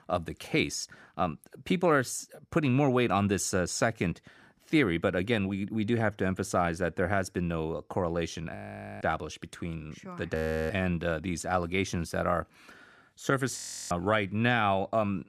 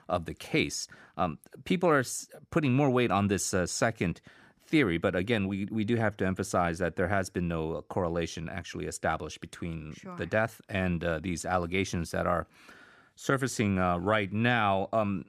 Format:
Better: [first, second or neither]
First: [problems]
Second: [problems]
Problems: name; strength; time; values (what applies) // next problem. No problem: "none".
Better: second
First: audio freezing; at 8.5 s, at 10 s and at 14 s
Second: none